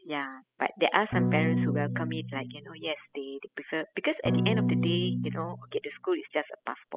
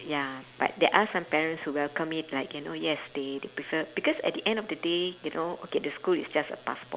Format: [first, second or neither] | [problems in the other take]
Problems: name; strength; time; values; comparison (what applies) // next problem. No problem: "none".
second | noise reduction (classical method spectral subtraction)